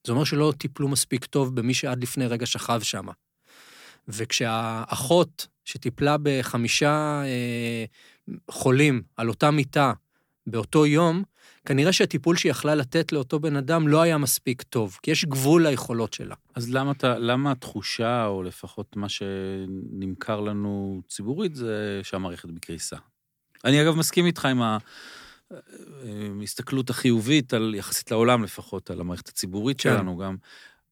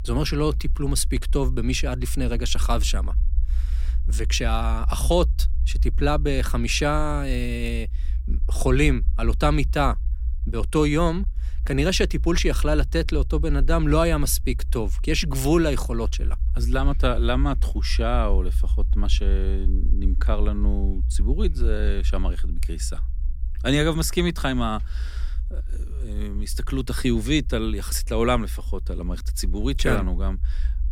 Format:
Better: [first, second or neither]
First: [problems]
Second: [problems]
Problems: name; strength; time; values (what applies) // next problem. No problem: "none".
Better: first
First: none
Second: low rumble; faint; throughout; 20 dB below the speech